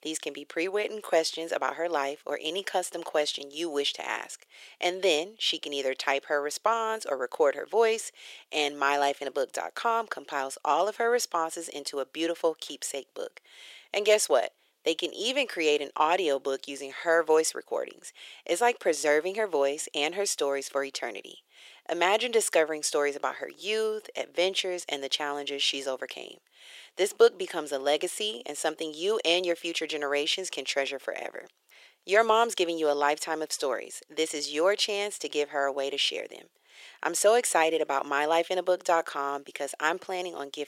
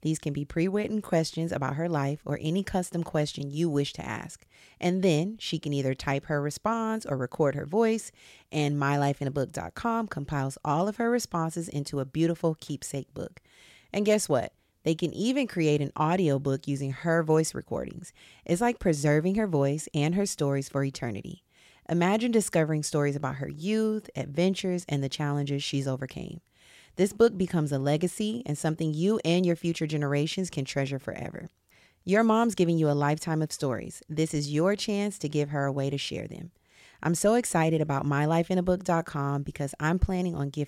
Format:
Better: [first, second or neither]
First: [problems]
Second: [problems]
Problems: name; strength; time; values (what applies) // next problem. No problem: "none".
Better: second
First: thin; very; fading below 400 Hz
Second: none